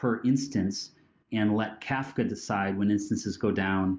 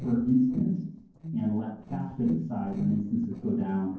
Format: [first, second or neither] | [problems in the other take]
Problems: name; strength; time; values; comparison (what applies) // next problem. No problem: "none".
first | noise reduction (neural separator model SepFormer DNS4)